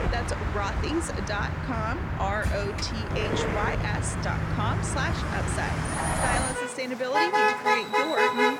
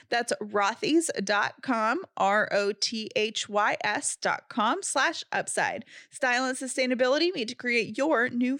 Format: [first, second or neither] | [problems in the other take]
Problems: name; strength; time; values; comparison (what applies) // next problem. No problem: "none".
second | traffic noise; very loud; throughout; 4 dB above the speech